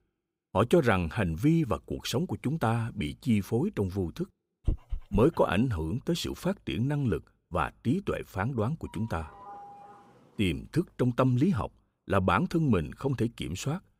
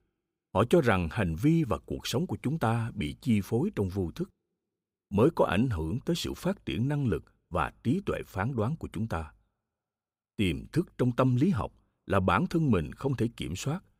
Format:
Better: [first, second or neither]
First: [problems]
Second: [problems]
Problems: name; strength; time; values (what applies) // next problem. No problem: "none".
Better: second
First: dog barking; noticeable; at 4.5 s; peak 6 dB below the speech // doorbell; faint; from 9 to 10 s; peak 15 dB below the speech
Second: none